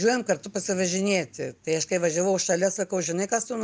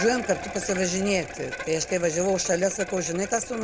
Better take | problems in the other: first | background sound (Bicycle); 11 dB below the speech

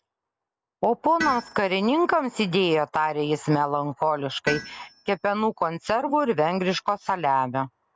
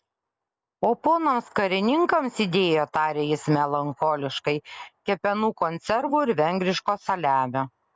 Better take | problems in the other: second | background sound (Tools); 15 dB below the speech

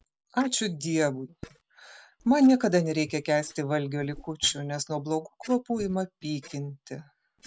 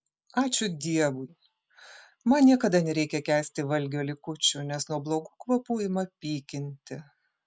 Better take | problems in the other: second | noise reduction (neural separator model SepFormer DNS4)

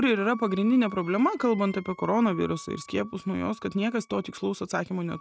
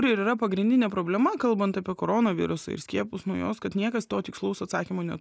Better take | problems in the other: second | noise reduction (neural mask model RNNoise)

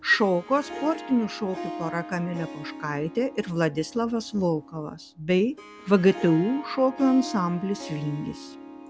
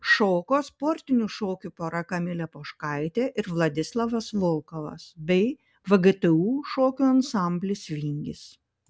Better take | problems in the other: second | background sound (Harp); 13 dB below the speech

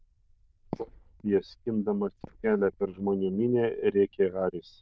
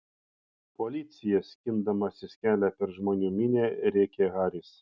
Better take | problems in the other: second | noise reduction (neural diffusion model UNIVERSE++)

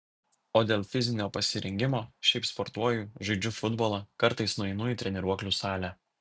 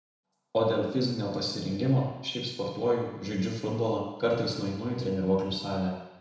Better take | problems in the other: first | room echo; dies away in 1 s

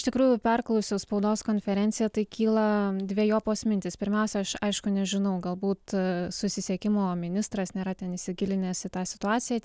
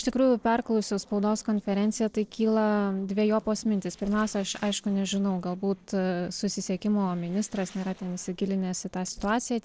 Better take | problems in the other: first | noise reduction (neural separator model SepFormer DNS4)

